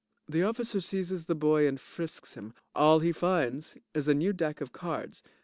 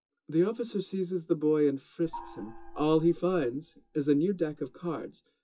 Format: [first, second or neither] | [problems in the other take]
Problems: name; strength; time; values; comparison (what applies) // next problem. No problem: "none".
first | noise reduction (classical method WPE with log-MMSE)